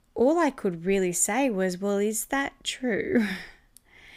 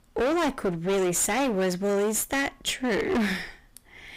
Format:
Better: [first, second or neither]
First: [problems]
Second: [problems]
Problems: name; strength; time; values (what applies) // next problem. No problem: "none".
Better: first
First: none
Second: distortion; heavy; 25% of the sound clipped